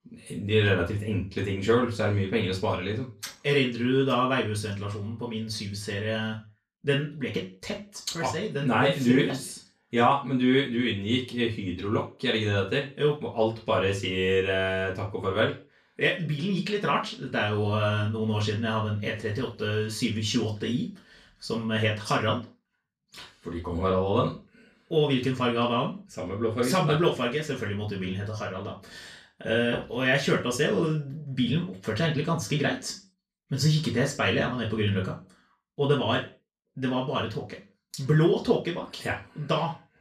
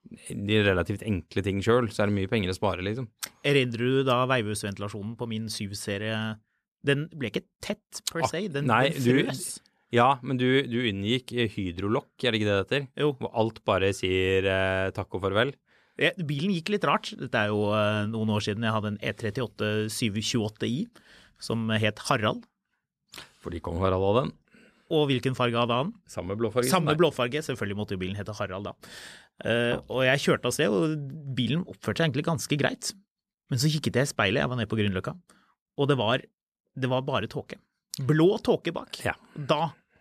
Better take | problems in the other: second | room echo; slight; dies away in 0.3 s // off-mic speech; far

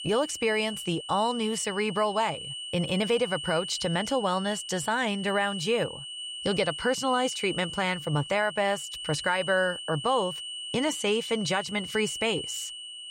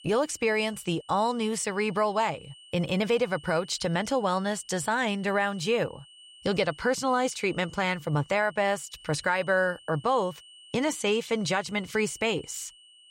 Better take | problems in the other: second | high-pitched whine; loud; throughout; 3 kHz, 8 dB below the speech; faint in the second

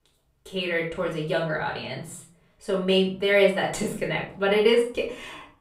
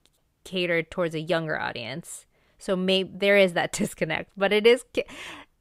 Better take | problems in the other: second | off-mic speech; far // room echo; slight; dies away in 0.4 s

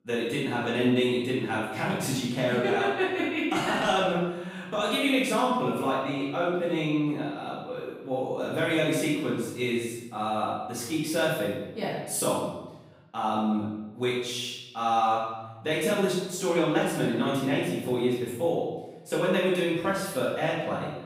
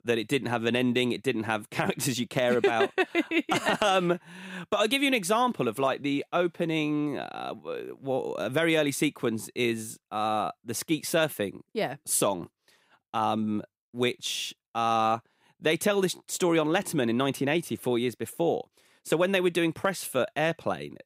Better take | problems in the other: second | off-mic speech; far // room echo; strong; dies away in 1 s

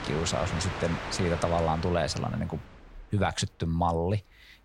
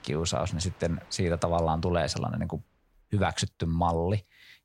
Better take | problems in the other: second | train or aircraft noise; loud; throughout; 8 dB below the speech; faint in the second

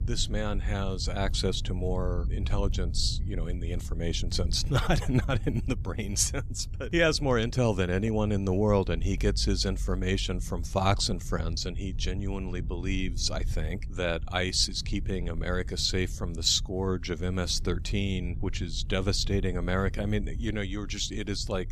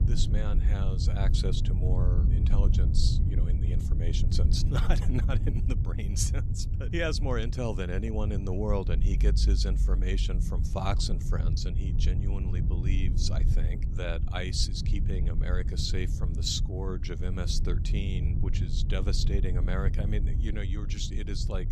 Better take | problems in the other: first | low rumble; loud; throughout; 8 dB below the speech; faint in the first

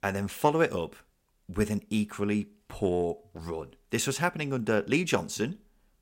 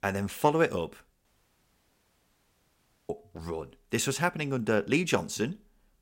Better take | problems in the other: first | audio cutting out; at 1.5 s for 2 s

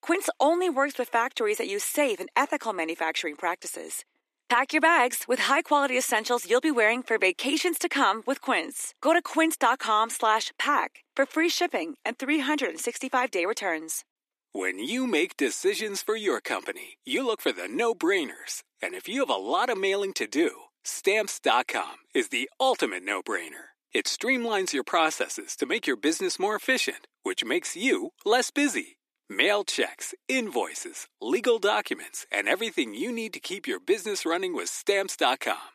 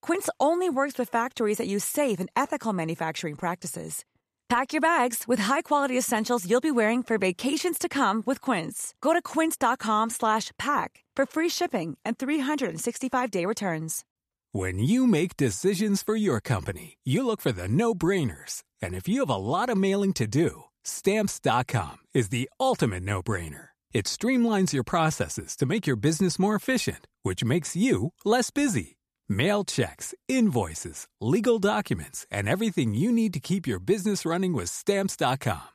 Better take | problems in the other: second | thin; somewhat; fading below 300 Hz

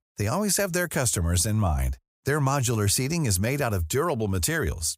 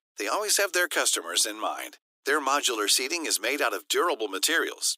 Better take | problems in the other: first | thin; very; fading below 300 Hz

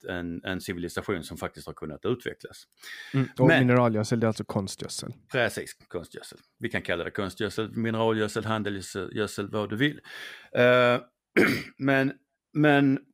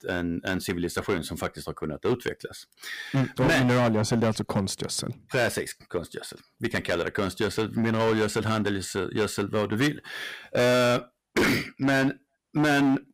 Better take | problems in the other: first | distortion; heavy; 11% of the sound clipped

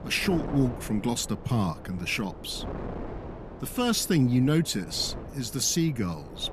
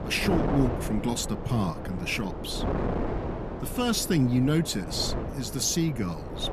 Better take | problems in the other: first | wind noise on the microphone; heavy; 5 dB below the speech; occasional gusts in the first

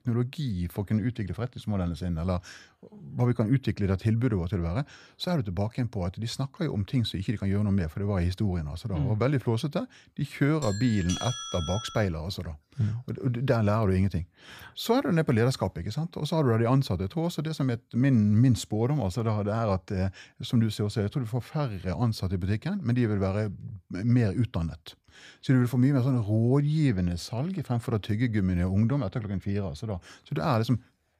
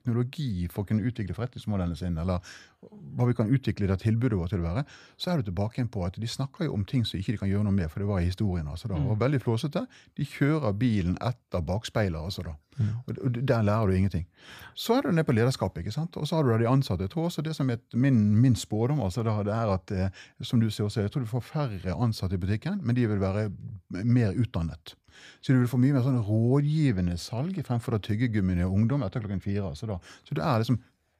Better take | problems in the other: second | doorbell; noticeable; from 11 to 12 s; peak 5 dB below the speech

